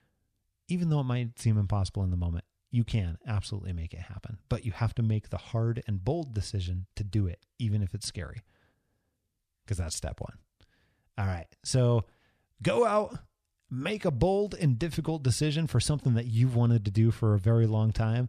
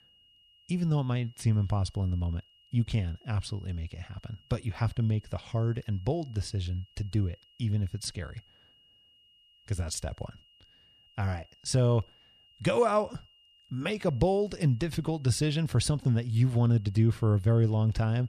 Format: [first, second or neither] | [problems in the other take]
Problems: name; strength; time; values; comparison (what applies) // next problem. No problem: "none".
first | high-pitched whine; faint; throughout; 3 kHz, 30 dB below the speech